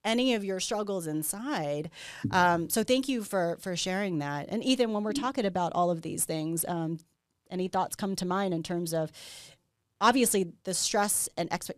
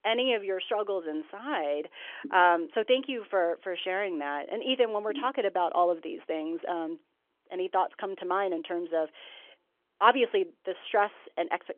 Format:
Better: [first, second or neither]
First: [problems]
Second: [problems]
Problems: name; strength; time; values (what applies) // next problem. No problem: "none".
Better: first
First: none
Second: phone-call audio; nothing above 3.5 kHz